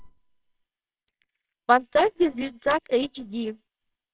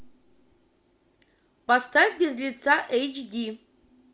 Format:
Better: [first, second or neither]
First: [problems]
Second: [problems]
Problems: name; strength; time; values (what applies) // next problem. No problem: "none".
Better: second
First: noise reduction (neural separator model SepFormer WHAMR!)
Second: none